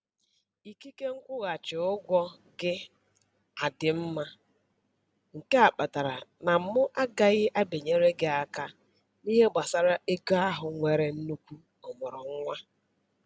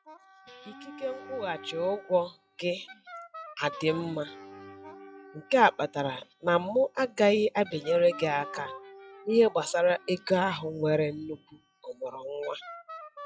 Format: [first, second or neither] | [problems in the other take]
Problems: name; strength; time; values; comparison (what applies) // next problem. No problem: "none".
first | noise reduction (classical method log-MMSE)